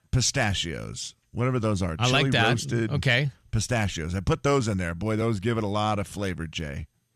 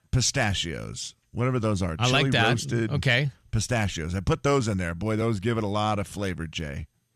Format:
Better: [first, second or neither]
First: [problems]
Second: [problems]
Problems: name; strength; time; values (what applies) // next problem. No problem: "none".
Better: neither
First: none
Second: none